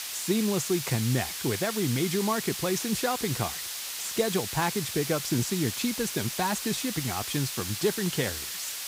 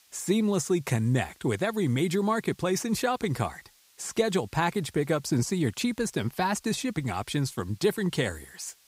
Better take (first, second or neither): second